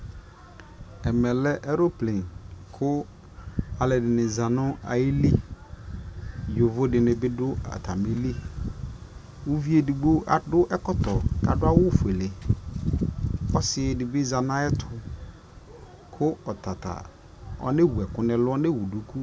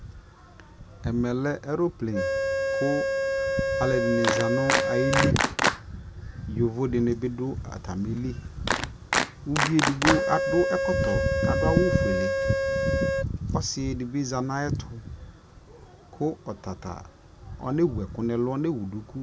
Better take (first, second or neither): first